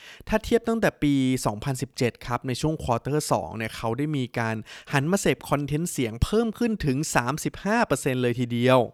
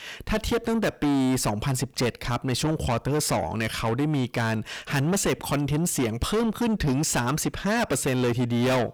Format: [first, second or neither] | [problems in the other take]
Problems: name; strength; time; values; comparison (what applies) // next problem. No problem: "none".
first | distortion; heavy; 6 dB below the speech